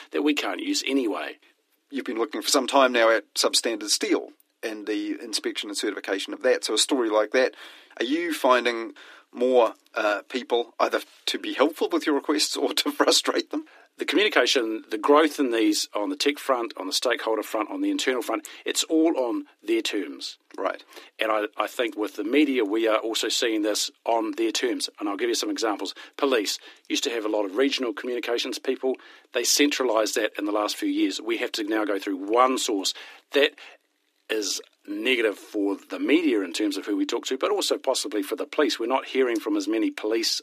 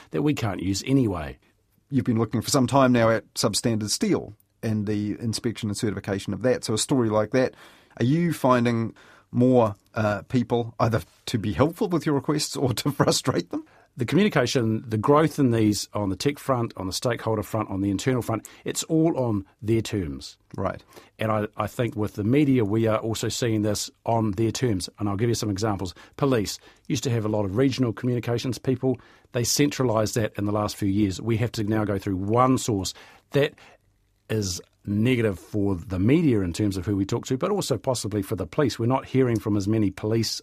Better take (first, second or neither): second